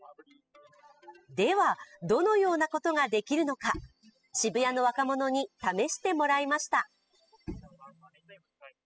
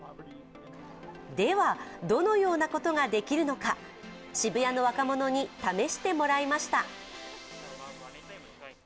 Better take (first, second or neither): second